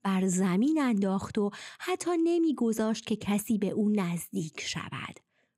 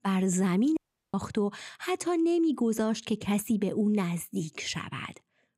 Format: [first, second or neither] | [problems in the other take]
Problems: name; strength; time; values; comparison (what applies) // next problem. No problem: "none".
first | audio cutting out; at 1 s